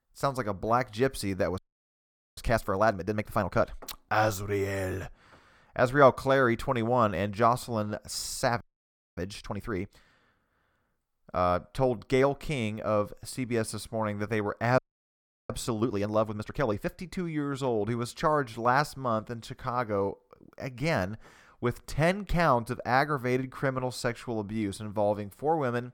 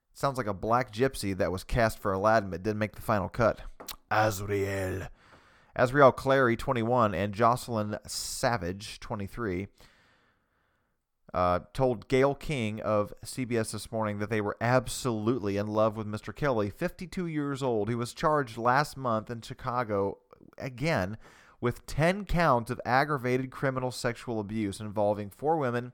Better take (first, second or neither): second